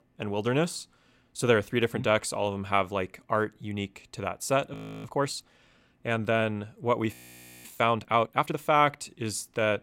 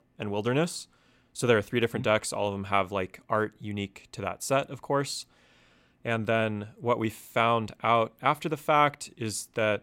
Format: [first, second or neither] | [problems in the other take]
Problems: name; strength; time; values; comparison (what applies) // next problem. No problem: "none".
second | audio freezing; at 4.5 s and at 7 s for 0.5 s